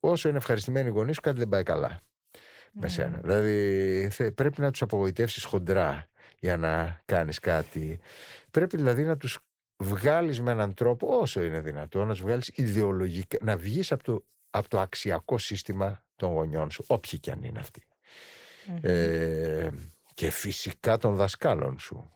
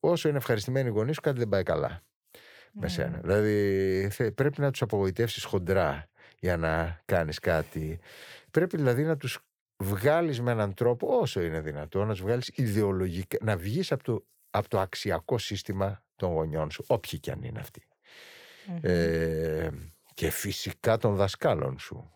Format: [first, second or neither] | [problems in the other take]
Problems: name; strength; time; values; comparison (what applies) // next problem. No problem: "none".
second | garbled, watery; slightly; nothing above 19 kHz